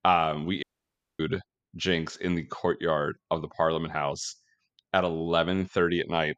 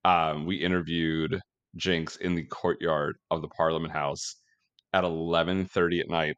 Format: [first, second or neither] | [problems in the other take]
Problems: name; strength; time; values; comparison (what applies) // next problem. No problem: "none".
second | audio cutting out; at 0.5 s for 0.5 s